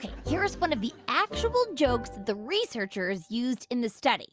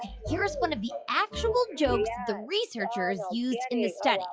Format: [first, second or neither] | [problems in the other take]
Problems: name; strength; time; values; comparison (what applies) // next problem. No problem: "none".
first | noise reduction (classical method log-MMSE)